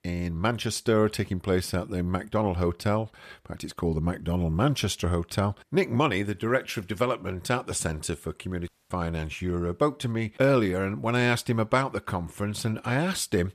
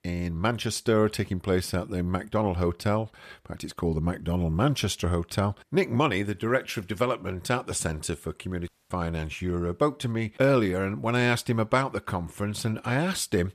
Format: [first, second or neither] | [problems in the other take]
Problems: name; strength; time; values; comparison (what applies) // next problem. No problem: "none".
neither | audio cutting out; at 8.5 s; the same in both